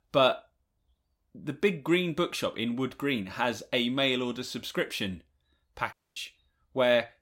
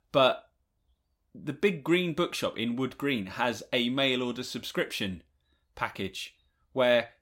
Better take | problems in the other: second | audio cutting out; at 6 s

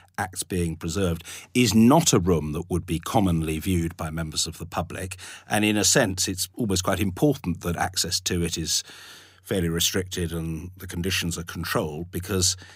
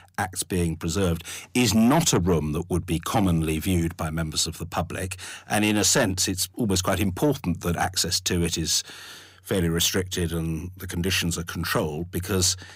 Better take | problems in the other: first | distortion; slight; 10 dB below the speech

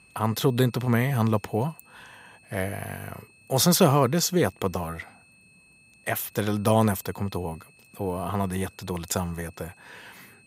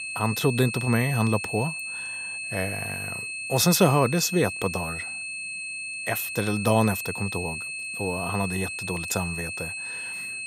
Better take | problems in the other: first | high-pitched whine; loud; throughout; 2.5 kHz, 5 dB below the speech; faint in the first

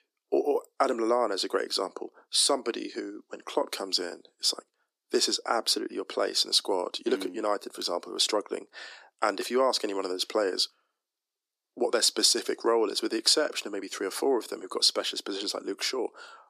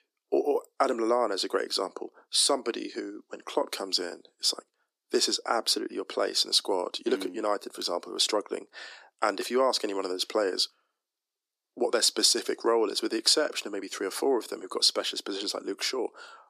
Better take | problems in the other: neither | thin; somewhat; fading below 300 Hz; the same in both

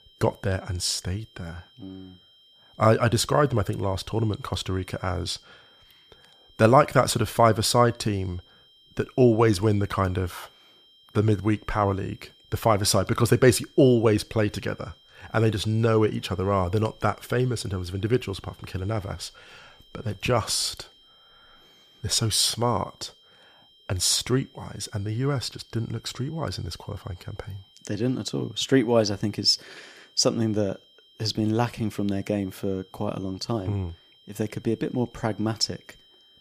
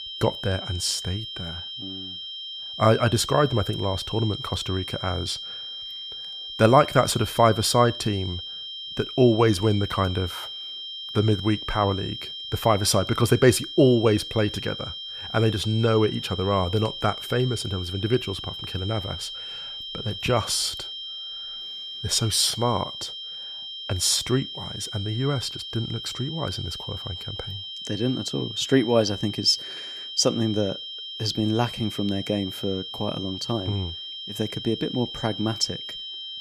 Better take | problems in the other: first | high-pitched whine; loud; throughout; 3 kHz, 9 dB below the speech; faint in the first

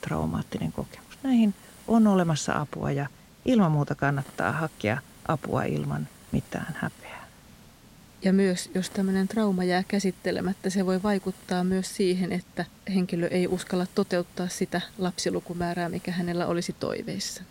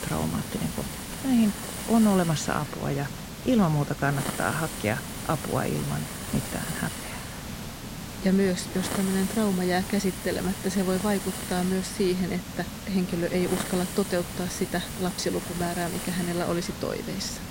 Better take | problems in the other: first | hiss; loud; throughout; 7 dB below the speech; faint in the first

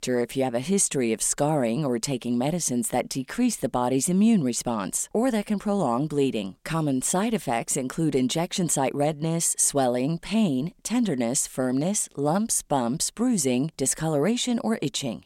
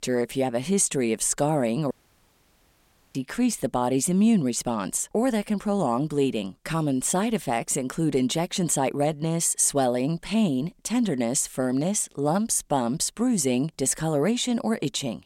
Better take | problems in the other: first | audio cutting out; at 2 s for 1 s

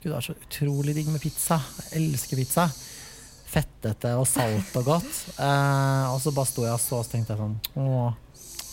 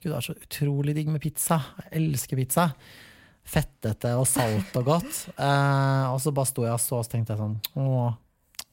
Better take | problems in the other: second | hiss; noticeable; throughout; 15 dB below the speech

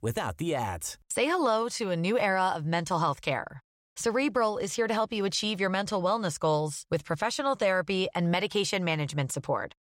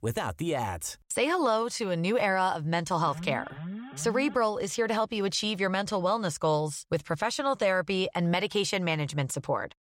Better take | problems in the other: first | alarm; faint; from 3 to 4.5 s; peak 10 dB below the speech

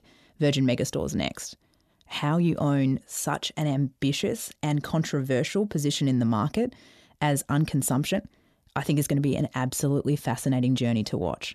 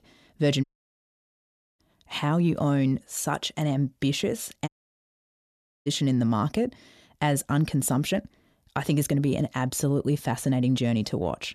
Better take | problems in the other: first | audio cutting out; at 0.5 s for 1 s and at 4.5 s for 1 s

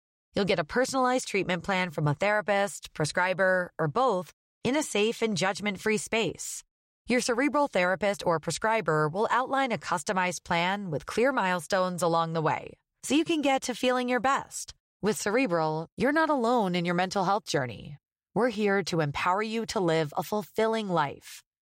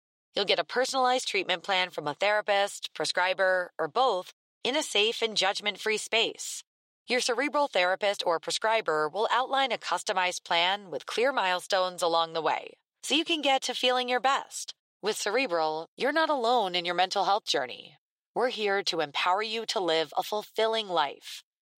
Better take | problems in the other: first | thin; somewhat; fading below 400 Hz

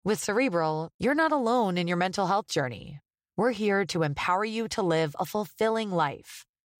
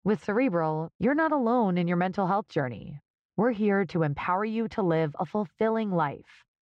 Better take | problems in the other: first | muffled; very; fading above 2 kHz

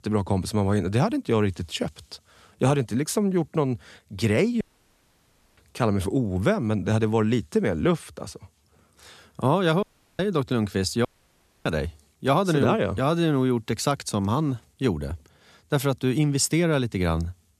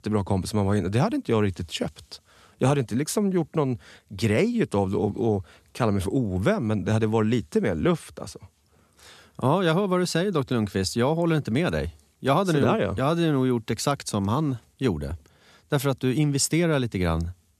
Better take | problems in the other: second | audio cutting out; at 4.5 s for 1 s, at 10 s and at 11 s for 0.5 s

